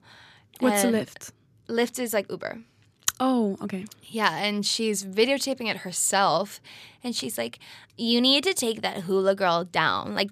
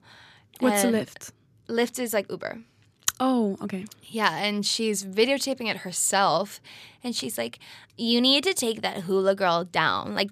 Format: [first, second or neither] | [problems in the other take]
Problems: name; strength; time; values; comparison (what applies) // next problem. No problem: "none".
neither | none